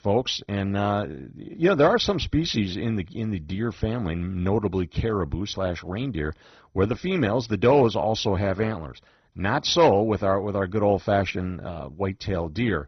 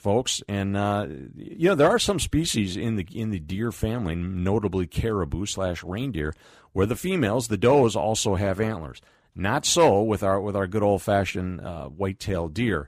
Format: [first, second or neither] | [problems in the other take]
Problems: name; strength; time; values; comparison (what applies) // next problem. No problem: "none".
second | garbled, watery; badly; nothing above 6 kHz